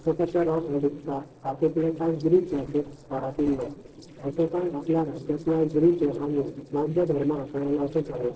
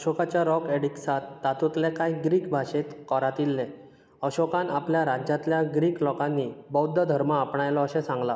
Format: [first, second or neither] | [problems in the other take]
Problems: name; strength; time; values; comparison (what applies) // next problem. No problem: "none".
second | noise reduction (neural separator model SepFormer DNS4)